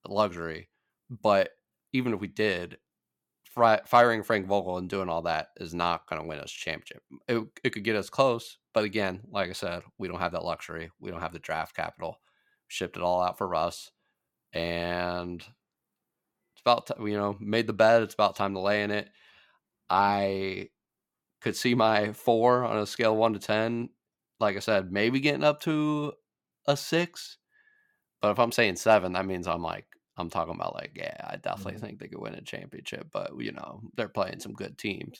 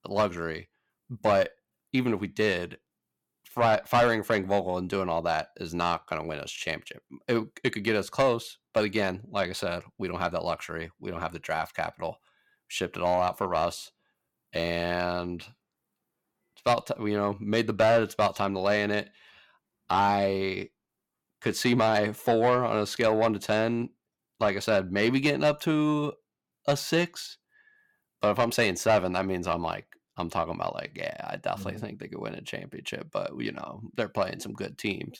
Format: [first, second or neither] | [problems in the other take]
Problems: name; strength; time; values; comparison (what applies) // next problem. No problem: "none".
first | distortion; slight; 10 dB below the speech